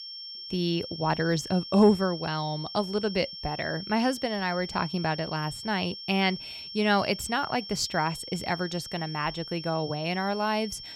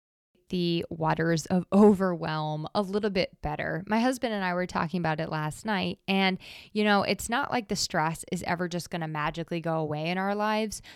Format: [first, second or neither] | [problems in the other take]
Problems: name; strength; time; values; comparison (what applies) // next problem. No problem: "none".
second | high-pitched whine; loud; throughout; 5.5 kHz, 10 dB below the speech